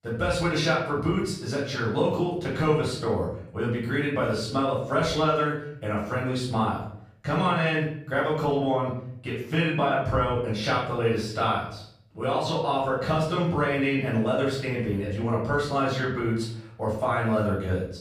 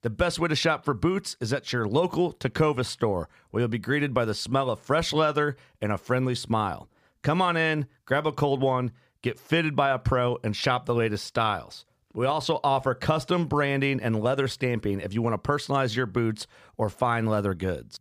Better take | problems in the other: second | off-mic speech; far // room echo; noticeable; dies away in 0.6 s

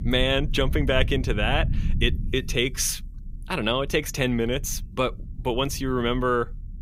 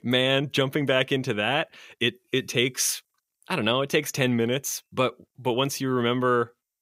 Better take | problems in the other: second | low rumble; faint; throughout; 20 dB below the speech

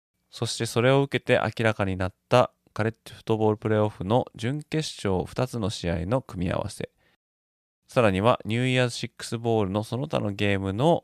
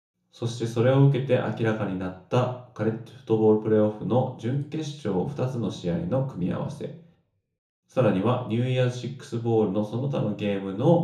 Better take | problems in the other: first | room echo; slight; dies away in 0.6 s // off-mic speech; far

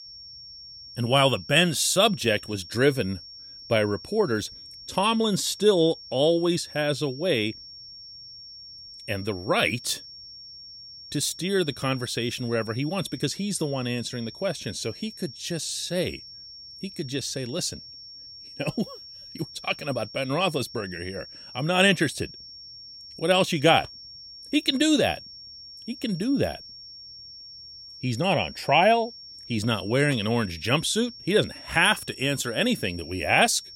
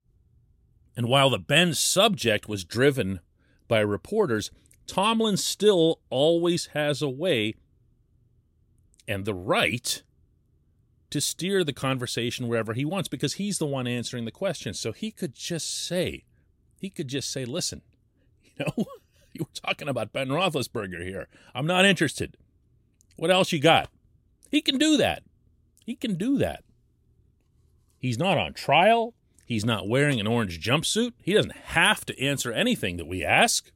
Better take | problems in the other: second | high-pitched whine; noticeable; throughout; 5.5 kHz, 15 dB below the speech

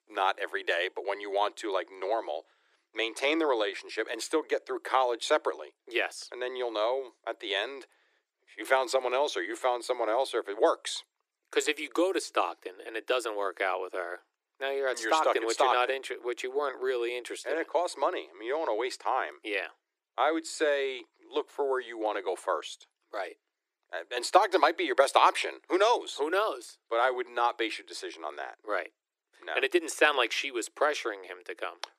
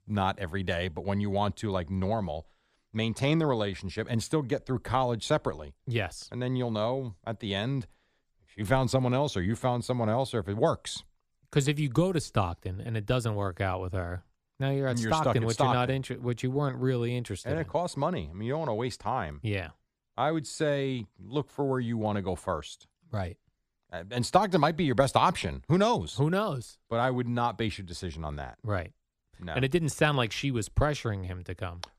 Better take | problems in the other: second | thin; very; fading below 350 Hz

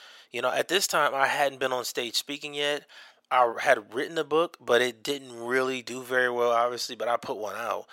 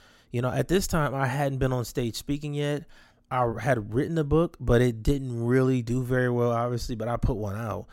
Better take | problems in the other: second | thin; very; fading below 650 Hz

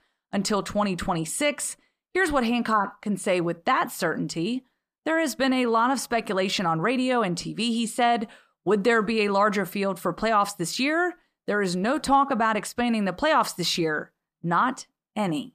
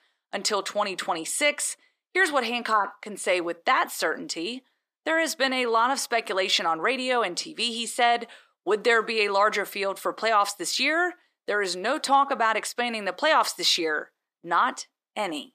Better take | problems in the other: first | thin; somewhat; fading below 350 Hz

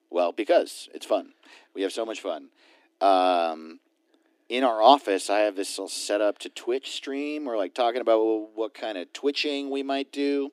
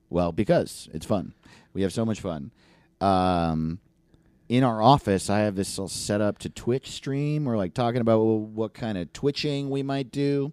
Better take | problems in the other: second | thin; somewhat; fading below 300 Hz

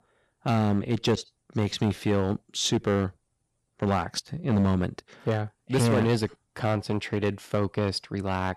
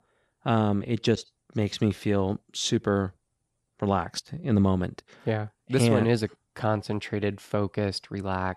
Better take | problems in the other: second | distortion; slight; 5% of the sound clipped

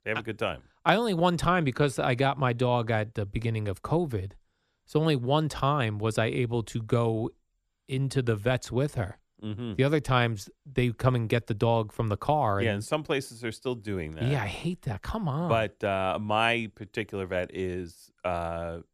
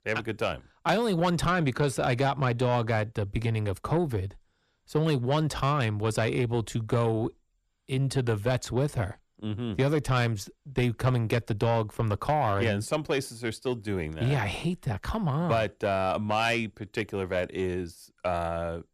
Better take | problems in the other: first | distortion; slight; 10 dB below the speech

